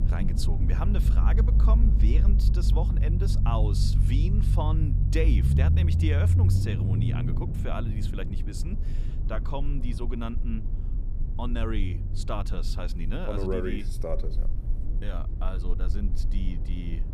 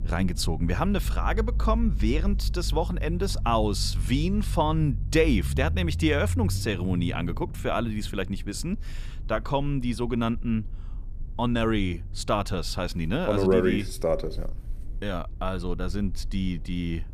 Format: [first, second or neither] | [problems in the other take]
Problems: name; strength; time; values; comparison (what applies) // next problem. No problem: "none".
second | low rumble; loud; throughout; 5 dB below the speech; faint in the second